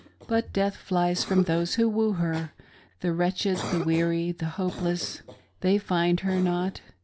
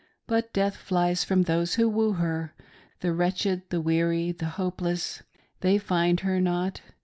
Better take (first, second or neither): second